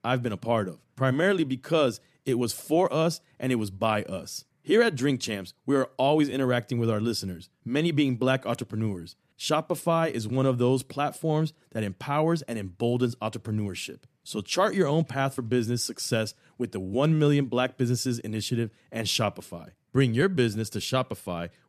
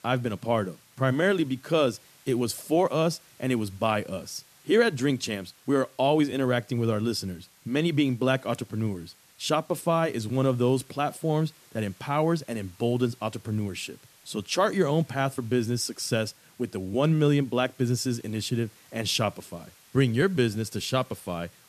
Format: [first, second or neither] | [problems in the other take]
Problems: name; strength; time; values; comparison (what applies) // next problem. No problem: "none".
first | hiss; faint; throughout; 25 dB below the speech